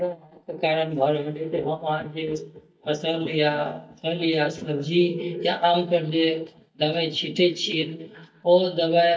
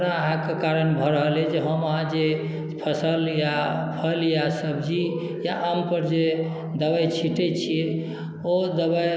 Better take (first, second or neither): second